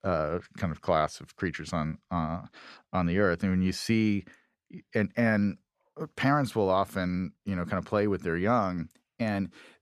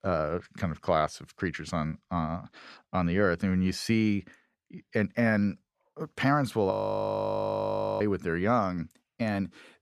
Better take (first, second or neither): first